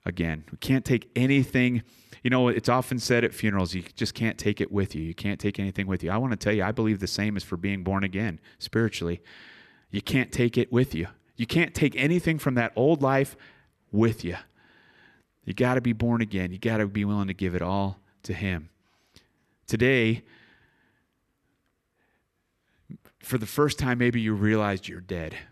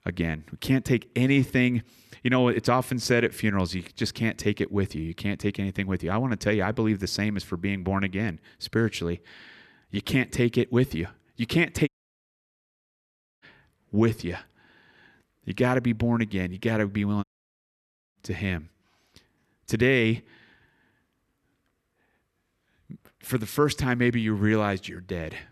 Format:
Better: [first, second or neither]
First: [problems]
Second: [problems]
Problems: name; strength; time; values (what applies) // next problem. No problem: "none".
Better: first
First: none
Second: audio cutting out; at 12 s for 1.5 s and at 17 s for 1 s